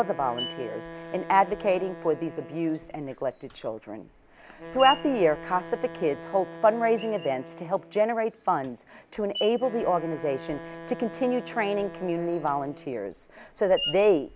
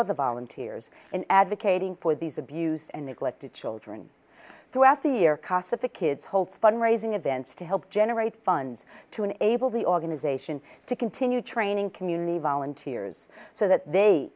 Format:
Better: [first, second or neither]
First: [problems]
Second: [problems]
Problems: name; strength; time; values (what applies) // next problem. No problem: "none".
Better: second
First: background sound (Wind instrument, woodwind instrument + Screech); 13 dB below the speech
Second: none